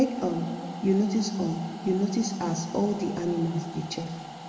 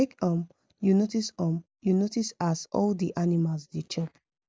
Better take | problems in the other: second | background sound (Domestic sounds, home sounds); 14 dB below the speech // room echo; dies away in 2.2 s

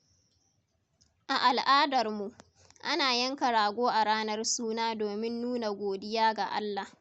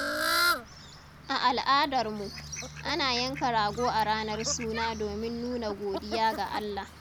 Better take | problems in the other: first | background sound (Fowl); 5 dB below the speech

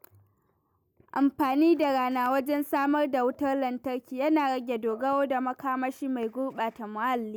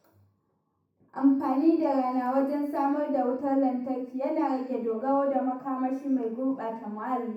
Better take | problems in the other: first | room echo; dies away in 0.7 s

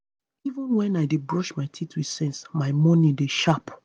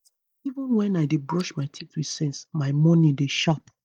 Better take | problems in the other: first | noise reduction (neural mask model DeepFilterNet 3)

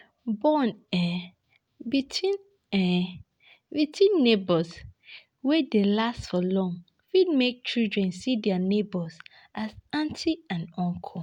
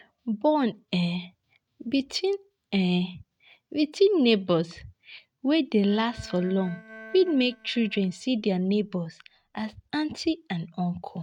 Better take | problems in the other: first | noise reduction (neural mask model RNNoise)

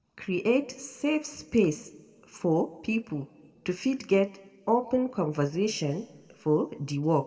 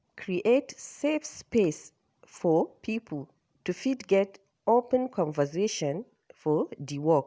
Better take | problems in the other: second | room echo; dies away in 1 s

